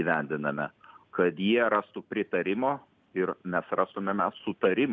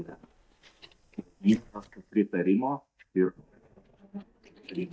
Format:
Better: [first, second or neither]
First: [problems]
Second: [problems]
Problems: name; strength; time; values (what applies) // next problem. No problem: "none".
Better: first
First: none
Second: noise reduction (neural mask model DeepFilterNet 3)